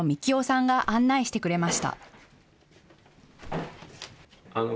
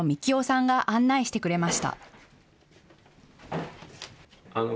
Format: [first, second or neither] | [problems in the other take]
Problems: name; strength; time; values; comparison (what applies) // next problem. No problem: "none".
second | background sound (Whoosh, swoosh, swish); 19 dB below the speech